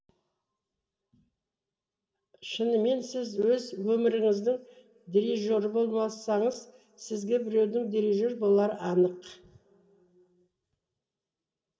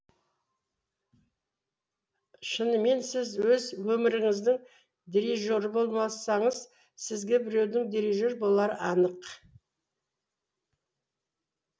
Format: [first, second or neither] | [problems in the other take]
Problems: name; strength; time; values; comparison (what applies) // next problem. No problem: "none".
second | room echo; dies away in 2.1 s